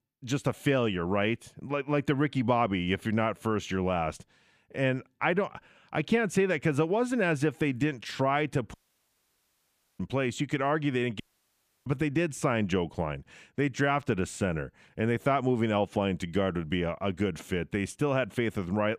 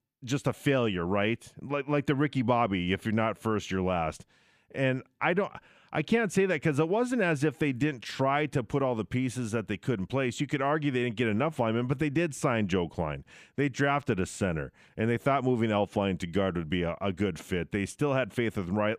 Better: second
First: audio cutting out; at 8.5 s for 1.5 s and at 11 s for 0.5 s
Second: none

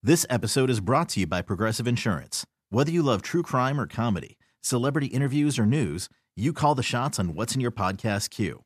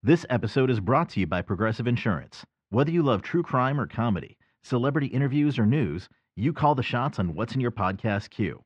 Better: first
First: none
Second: muffled; very; fading above 3 kHz

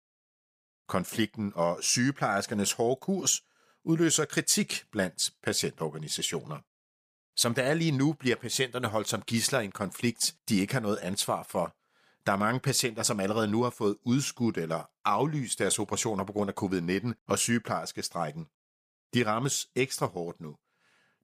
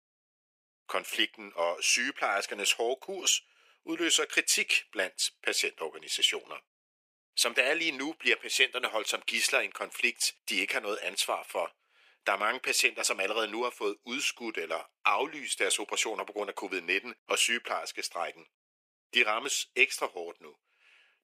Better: first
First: none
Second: thin; very; fading below 350 Hz

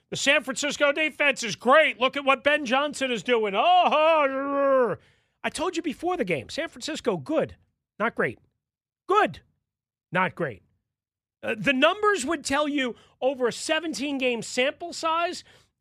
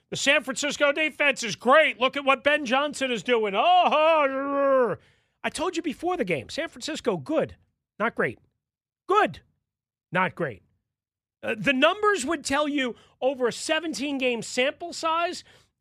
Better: neither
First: none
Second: none

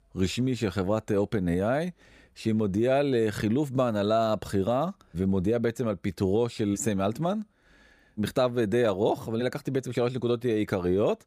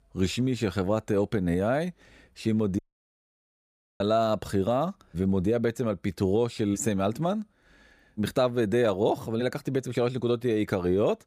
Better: first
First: none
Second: audio cutting out; at 3 s for 1 s

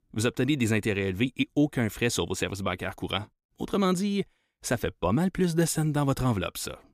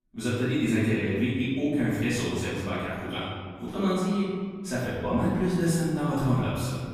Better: first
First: none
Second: room echo; strong; dies away in 1.7 s // off-mic speech; far

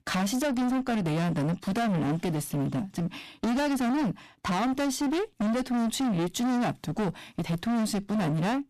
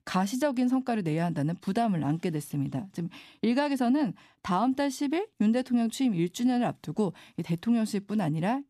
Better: second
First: distortion; heavy; 37% of the sound clipped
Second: none

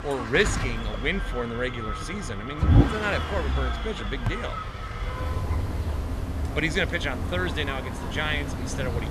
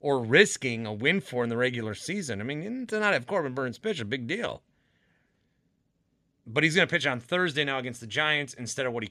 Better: second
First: traffic noise; very loud; throughout; as loud as the speech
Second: none

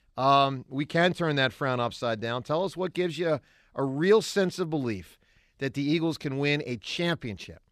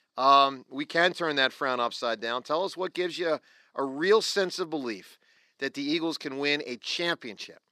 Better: first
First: none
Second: thin; somewhat; fading below 250 Hz

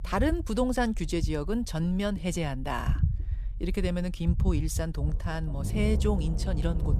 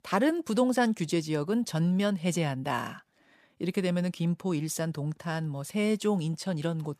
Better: second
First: low rumble; noticeable; throughout; 15 dB below the speech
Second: none

